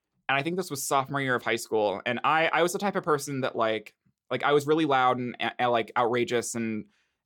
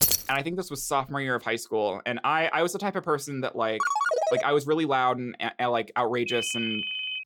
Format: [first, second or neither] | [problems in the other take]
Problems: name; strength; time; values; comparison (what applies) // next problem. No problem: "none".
first | jangling keys; loud; at the start; peak 6 dB above the speech // phone ringing; loud; at 4 s; peak 2 dB above the speech // phone ringing; noticeable; at 6.5 s; peak 1 dB below the speech